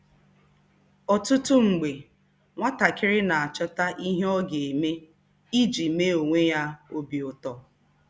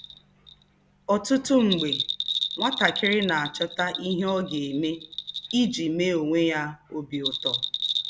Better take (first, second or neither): first